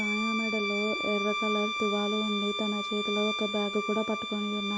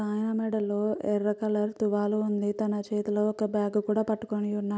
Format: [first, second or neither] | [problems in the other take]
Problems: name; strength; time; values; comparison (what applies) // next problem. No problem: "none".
second | background sound (Bowed string instrument); 2 dB below the speech